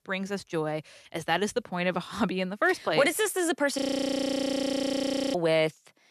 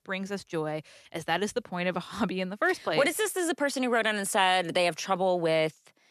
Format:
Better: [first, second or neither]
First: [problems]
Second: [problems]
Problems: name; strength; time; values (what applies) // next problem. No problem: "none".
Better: second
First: audio freezing; at 4 s for 1.5 s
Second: none